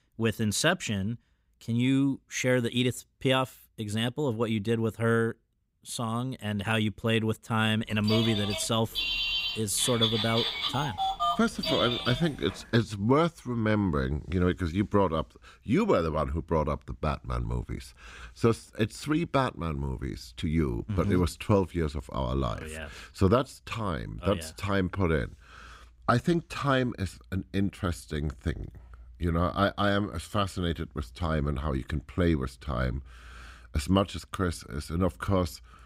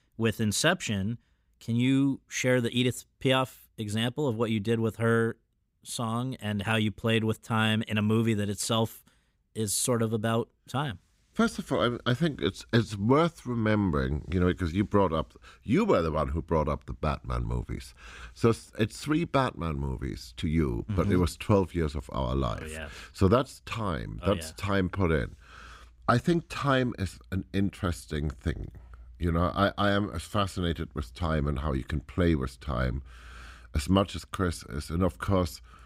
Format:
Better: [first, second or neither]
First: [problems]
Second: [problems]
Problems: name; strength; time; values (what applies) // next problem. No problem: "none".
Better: second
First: phone ringing; loud; from 8 to 12 s; peak 3 dB above the speech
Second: none